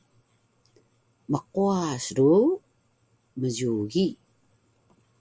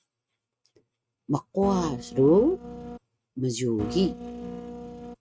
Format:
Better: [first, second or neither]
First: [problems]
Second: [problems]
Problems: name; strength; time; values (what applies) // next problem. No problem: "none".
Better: first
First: none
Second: noise reduction (neural mask model RNNoise)